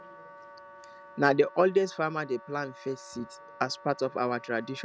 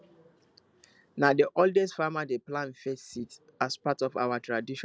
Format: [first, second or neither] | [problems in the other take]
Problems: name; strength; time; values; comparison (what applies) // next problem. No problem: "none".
second | background sound (Wind instrument, woodwind instrument); 19 dB below the speech